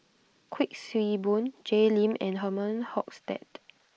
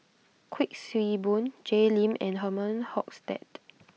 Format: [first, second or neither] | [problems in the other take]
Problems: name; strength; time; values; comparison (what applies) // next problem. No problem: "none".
second | noise reduction (neural mask model Resemble Enhance denoiser)